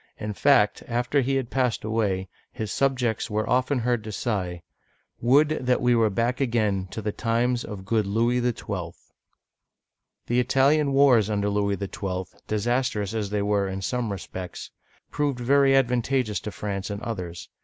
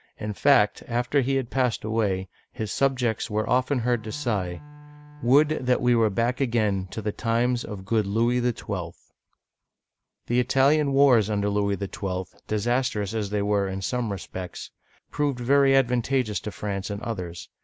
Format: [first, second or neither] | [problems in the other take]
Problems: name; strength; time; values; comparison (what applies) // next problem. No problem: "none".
first | background sound (Bowed string instrument); 20 dB below the speech